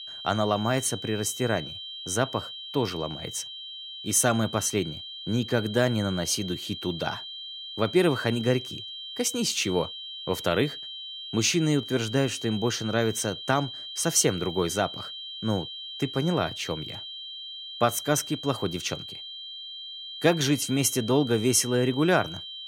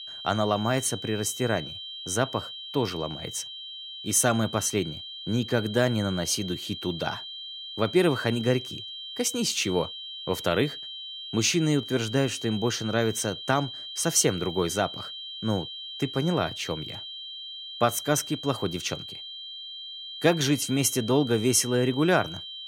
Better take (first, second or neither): neither